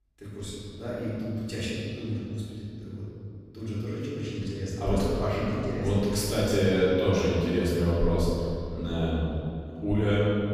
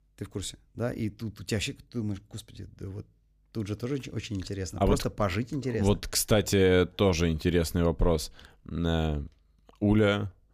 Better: second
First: off-mic speech; far // room echo; strong; dies away in 2.4 s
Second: none

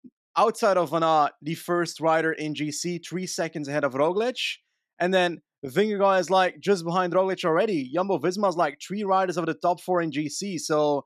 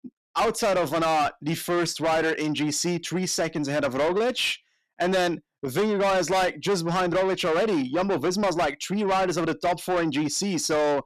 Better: first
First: none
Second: distortion; heavy; 7 dB below the speech

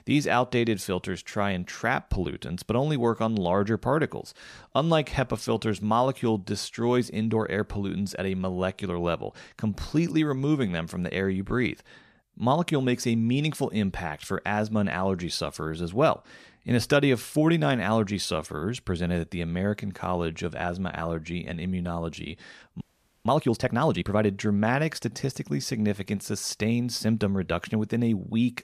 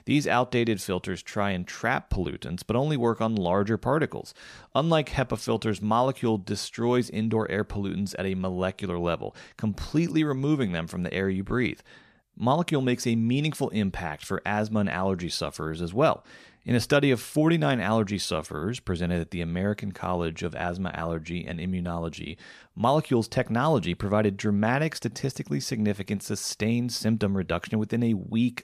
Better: second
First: audio freezing; at 23 s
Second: none

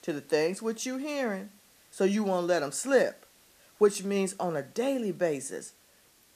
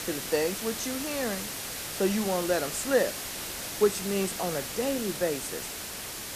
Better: first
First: hiss; faint; throughout; 30 dB below the speech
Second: hiss; loud; throughout; 4 dB below the speech

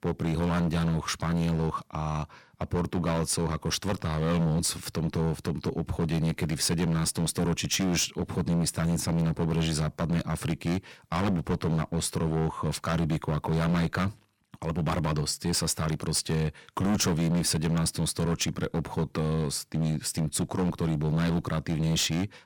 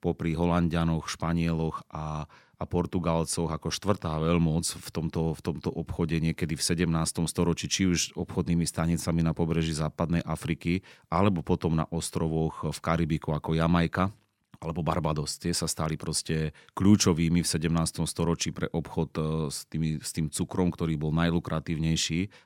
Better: second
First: distortion; heavy; 13% of the sound clipped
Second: none

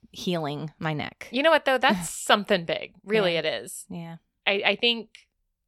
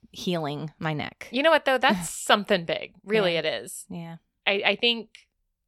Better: neither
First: none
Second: none

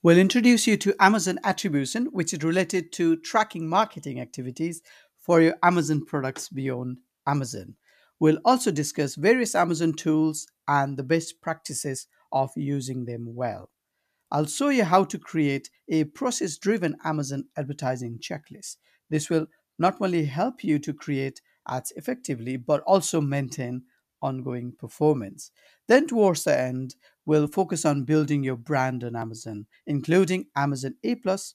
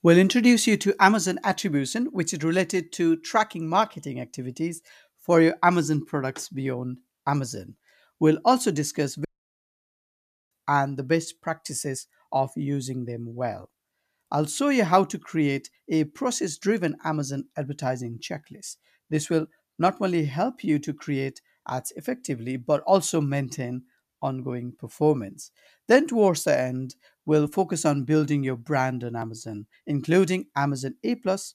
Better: first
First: none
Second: audio cutting out; at 9.5 s for 1.5 s

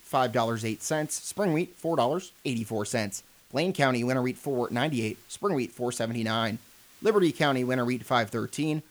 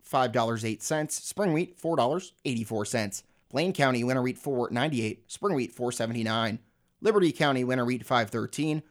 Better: second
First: hiss; faint; throughout; 25 dB below the speech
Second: none

